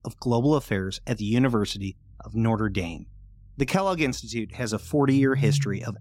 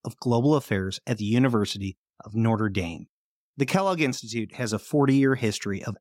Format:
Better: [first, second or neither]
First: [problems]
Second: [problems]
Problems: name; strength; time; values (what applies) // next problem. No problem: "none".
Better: second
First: low rumble; noticeable; throughout; 10 dB below the speech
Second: none